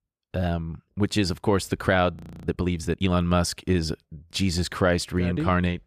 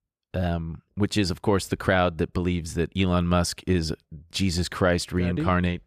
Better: second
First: audio freezing; at 2 s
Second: none

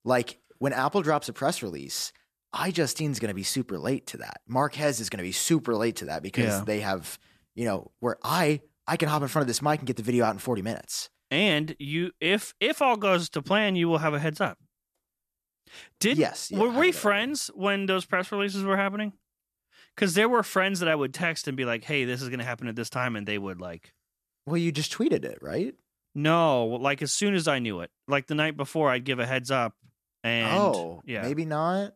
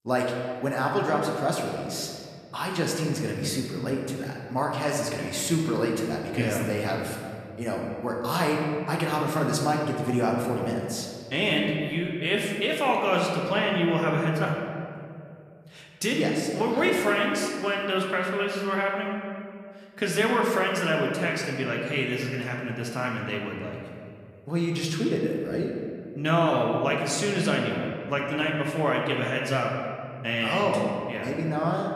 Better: first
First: none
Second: room echo; noticeable; dies away in 1.9 s // off-mic speech; somewhat distant

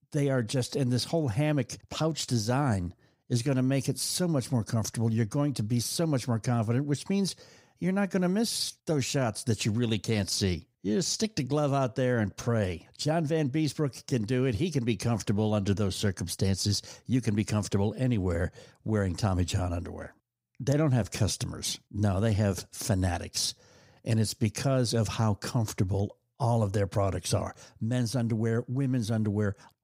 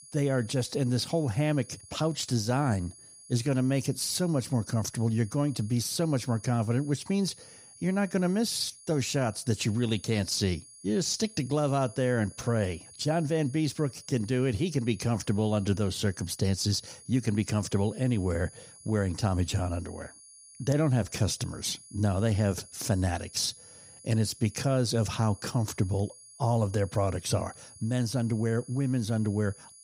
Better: first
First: none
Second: high-pitched whine; noticeable; throughout; 10 kHz, 20 dB below the speech

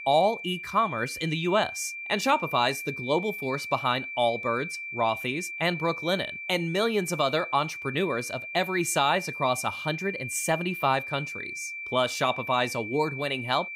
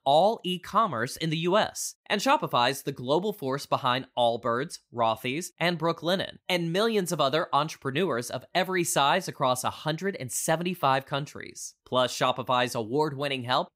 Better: second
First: high-pitched whine; loud; throughout; 2.5 kHz, 7 dB below the speech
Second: none

